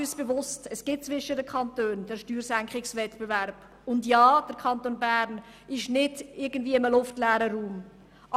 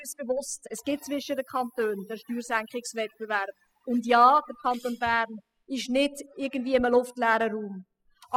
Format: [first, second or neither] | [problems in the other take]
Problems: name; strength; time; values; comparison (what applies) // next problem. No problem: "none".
first | noise reduction (classical method spectral subtraction)